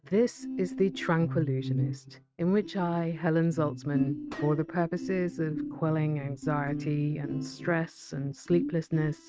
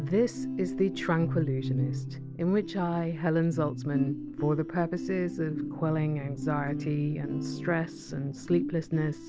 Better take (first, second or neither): second